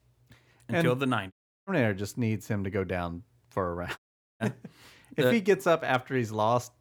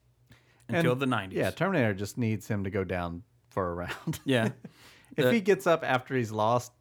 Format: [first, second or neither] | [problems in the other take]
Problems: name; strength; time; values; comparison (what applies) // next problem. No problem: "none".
second | audio cutting out; at 1.5 s and at 4 s